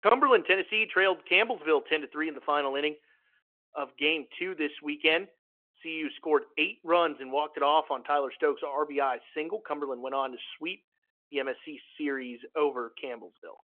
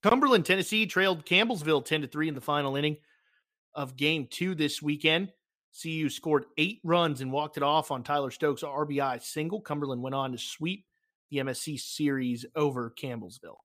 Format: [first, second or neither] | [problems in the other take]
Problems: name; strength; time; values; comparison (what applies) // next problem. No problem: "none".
second | phone-call audio